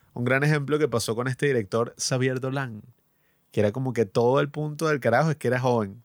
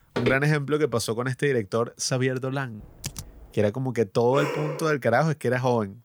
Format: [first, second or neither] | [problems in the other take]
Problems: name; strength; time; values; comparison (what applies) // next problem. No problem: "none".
first | footsteps; noticeable; at the start; peak 5 dB below the speech // keyboard typing; faint; at 3 s; peak 10 dB below the speech // dog barking; noticeable; at 4.5 s; peak 5 dB below the speech